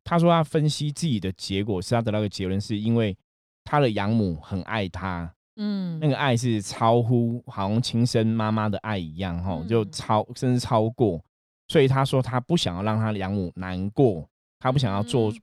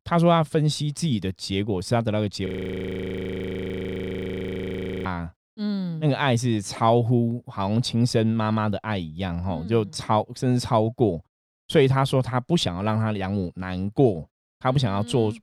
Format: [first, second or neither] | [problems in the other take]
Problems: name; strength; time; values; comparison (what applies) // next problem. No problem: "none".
first | audio freezing; at 2.5 s for 2.5 s